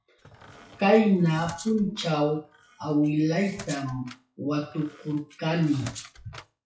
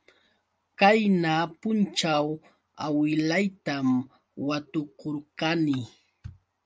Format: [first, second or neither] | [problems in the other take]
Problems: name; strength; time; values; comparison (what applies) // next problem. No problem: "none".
second | noise reduction (classical method WPE with log-MMSE)